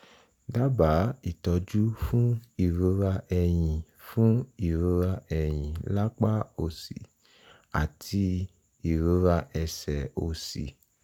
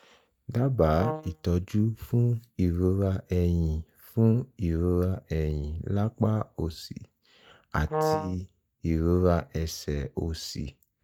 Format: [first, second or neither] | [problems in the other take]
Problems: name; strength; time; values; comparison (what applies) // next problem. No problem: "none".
first | noise reduction (neural mask model DeepFilterNet 3)